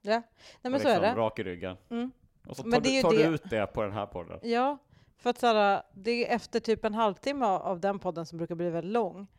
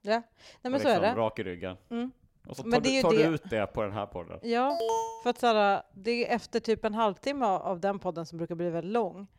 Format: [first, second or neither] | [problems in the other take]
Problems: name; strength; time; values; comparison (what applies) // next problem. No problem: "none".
first | alarm; noticeable; at 4.5 s; peak 1 dB below the speech